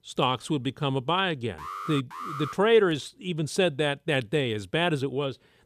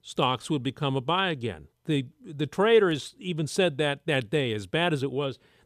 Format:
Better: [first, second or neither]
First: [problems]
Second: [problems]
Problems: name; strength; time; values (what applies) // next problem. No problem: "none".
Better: second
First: alarm; noticeable; at 1.5 s; peak 9 dB below the speech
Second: none